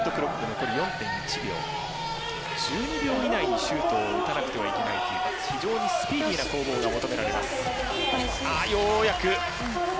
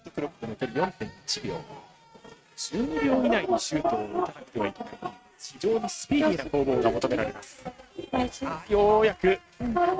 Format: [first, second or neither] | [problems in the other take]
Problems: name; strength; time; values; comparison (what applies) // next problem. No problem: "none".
first | noise reduction (neural mask model RNNoise)